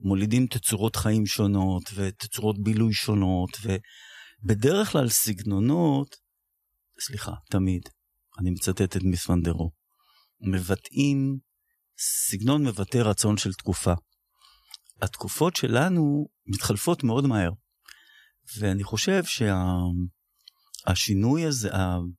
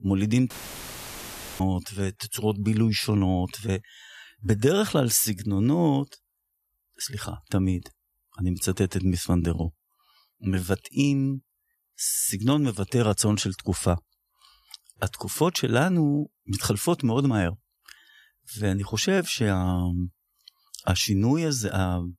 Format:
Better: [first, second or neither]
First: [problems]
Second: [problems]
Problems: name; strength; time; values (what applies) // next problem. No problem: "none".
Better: first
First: none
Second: audio cutting out; filled with static; at 0.5 s for 1 s